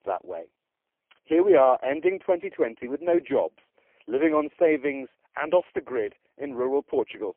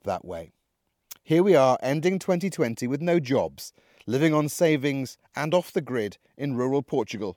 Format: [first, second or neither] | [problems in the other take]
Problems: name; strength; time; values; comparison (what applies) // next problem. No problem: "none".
second | phone-call audio; poor line; nothing above 3 kHz